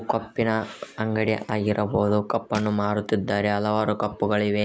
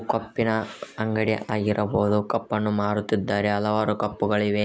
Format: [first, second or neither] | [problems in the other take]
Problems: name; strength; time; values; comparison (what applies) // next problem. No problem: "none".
second | background sound (Crushing); 17 dB below the speech